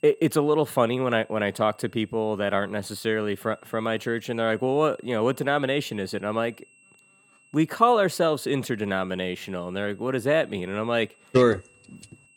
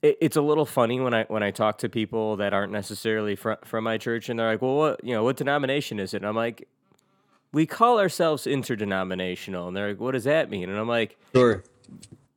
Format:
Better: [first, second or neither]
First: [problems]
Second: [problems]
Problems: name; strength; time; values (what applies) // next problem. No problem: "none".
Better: second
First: high-pitched whine; faint; throughout; 2.5 kHz, 30 dB below the speech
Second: none